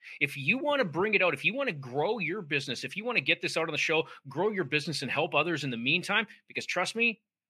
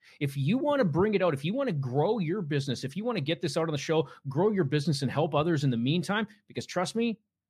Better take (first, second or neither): second